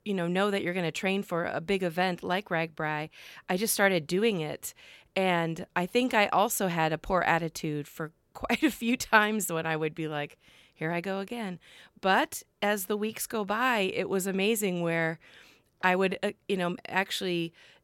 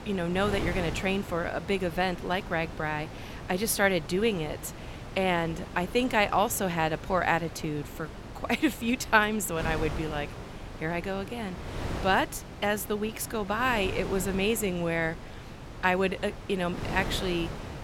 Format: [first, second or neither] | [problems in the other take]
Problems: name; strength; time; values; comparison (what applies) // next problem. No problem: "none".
first | wind noise on the microphone; occasional gusts; 15 dB below the speech